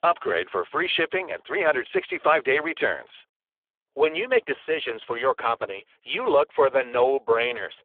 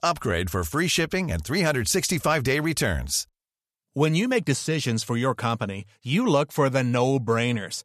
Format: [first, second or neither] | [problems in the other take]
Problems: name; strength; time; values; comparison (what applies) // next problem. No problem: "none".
second | phone-call audio; poor line; nothing above 3.5 kHz